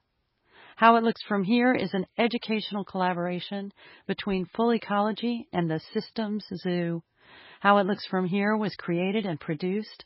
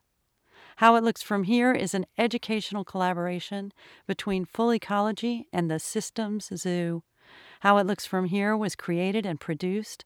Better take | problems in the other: second | garbled, watery; badly; nothing above 5.5 kHz

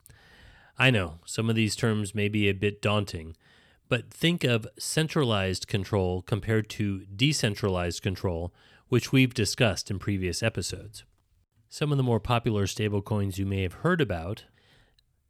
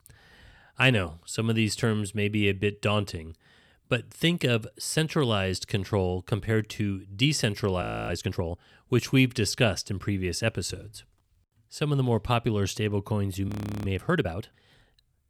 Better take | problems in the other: first | audio freezing; at 8 s and at 13 s

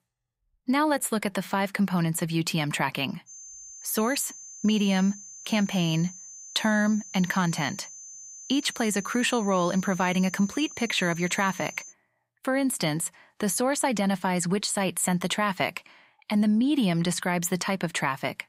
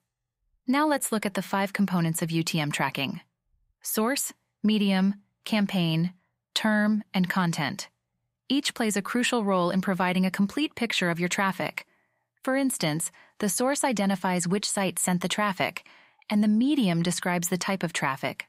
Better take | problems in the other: second | high-pitched whine; noticeable; from 3.5 to 12 s; 6 kHz, 15 dB below the speech

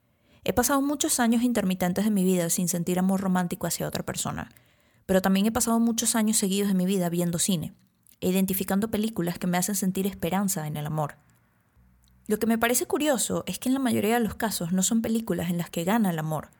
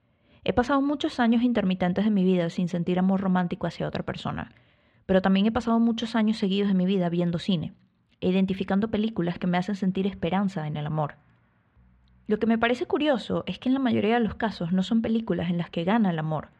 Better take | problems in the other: first | muffled; very; fading above 3.5 kHz

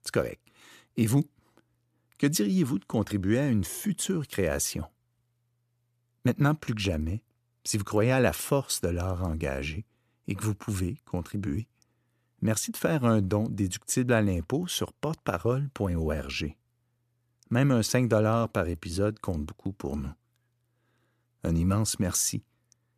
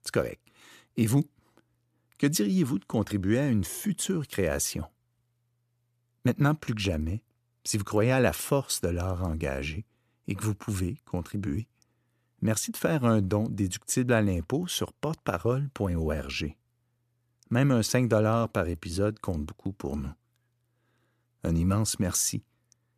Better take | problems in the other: neither | none

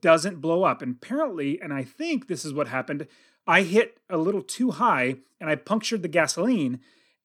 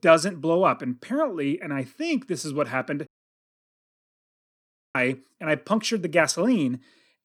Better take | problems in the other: first | audio cutting out; at 3 s for 2 s

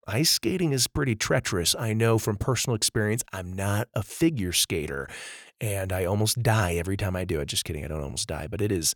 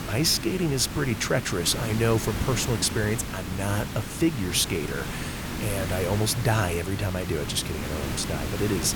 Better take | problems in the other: first | hiss; loud; throughout; 6 dB below the speech

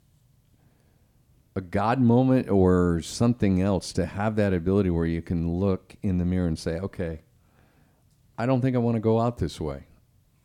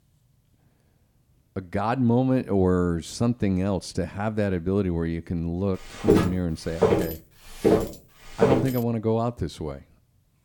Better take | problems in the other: first | footsteps; loud; from 6 to 8.5 s; peak 5 dB above the speech

